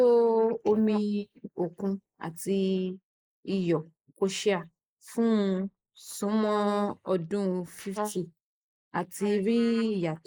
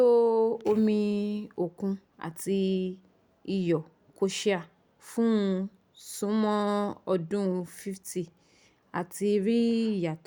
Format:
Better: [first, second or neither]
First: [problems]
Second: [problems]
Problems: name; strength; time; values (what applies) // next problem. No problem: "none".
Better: second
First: noise reduction (neural mask model Resemble Enhance denoiser)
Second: none